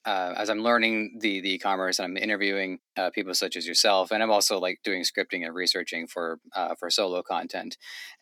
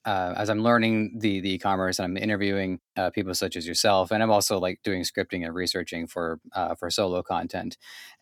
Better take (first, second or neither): second